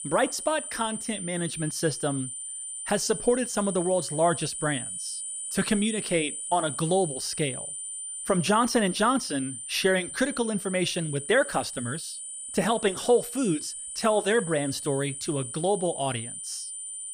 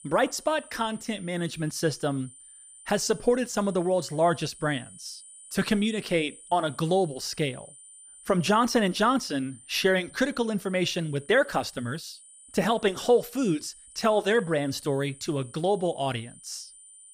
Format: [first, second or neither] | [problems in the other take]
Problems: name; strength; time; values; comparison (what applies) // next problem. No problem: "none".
second | high-pitched whine; loud; throughout; 9 kHz, 7 dB below the speech; faint in the second